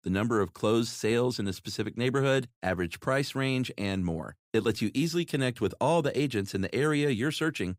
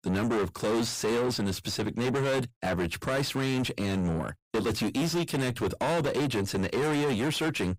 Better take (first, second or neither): first